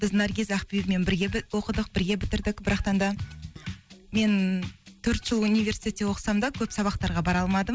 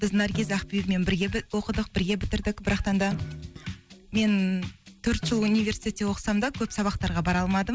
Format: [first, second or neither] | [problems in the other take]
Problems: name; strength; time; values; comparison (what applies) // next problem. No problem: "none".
first | background sound (Snare drum); 16 dB below the speech